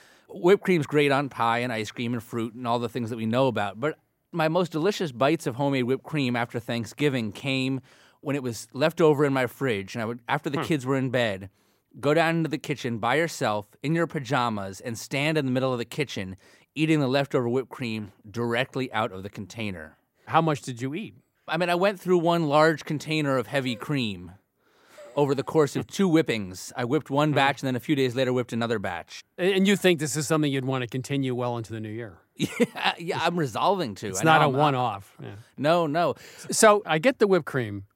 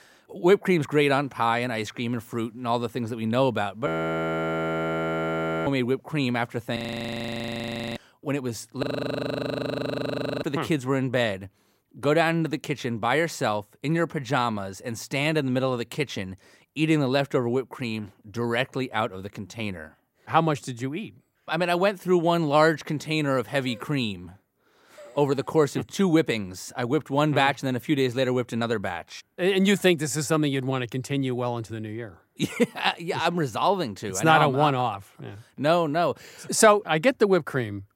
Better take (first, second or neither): first